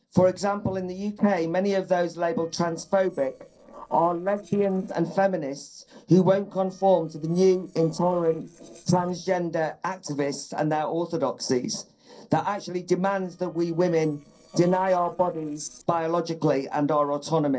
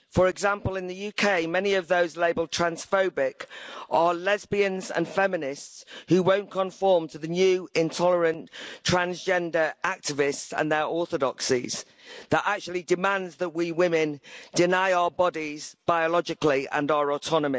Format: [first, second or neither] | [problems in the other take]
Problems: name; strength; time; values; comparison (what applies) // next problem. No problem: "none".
second | noise reduction (neural separator model SepFormer DNS4)